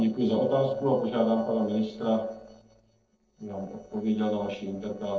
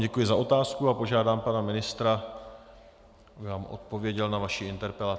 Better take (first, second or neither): second